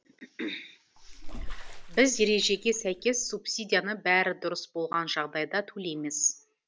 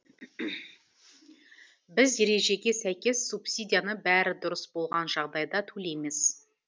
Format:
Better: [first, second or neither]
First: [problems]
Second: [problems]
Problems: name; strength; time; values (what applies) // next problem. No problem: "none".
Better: second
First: background sound (Bathtub (filling or washing) / Water / Splash, splatter); 8 dB below the speech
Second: none